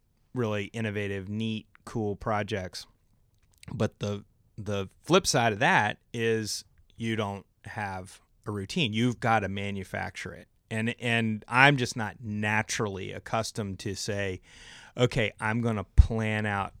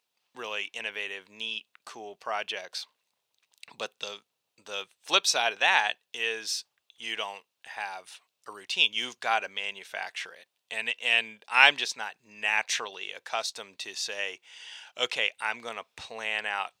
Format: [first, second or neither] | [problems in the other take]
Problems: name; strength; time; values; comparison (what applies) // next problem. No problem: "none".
first | thin; very; fading below 750 Hz